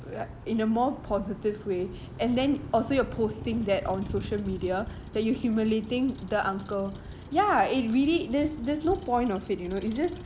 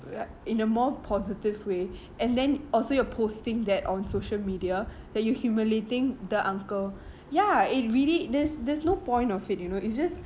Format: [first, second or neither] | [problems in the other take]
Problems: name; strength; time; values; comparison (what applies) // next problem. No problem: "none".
second | background sound (Motor vehicle (road)); 15 dB below the speech